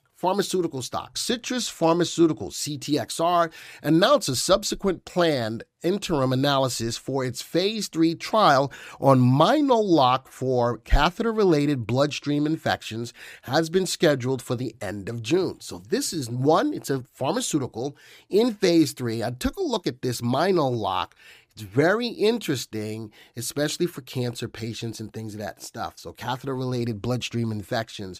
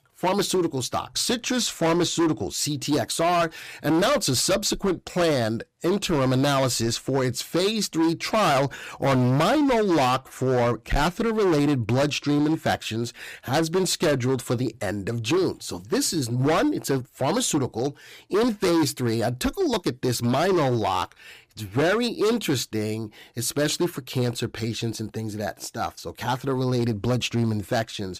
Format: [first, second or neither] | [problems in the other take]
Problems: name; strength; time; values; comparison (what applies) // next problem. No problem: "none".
first | distortion; heavy; 14% of the sound clipped